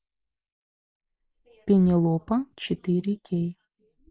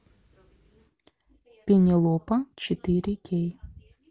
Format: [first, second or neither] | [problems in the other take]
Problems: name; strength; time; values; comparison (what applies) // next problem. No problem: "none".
second | noise reduction (neural mask model Resemble Enhance denoiser)